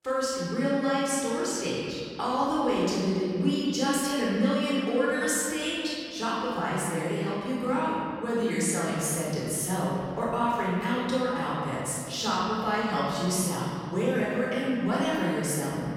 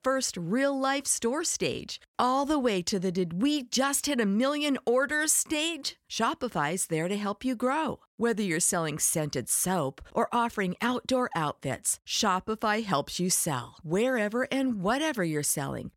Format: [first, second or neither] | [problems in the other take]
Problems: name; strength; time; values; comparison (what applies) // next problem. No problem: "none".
second | room echo; strong; dies away in 2.4 s // off-mic speech; far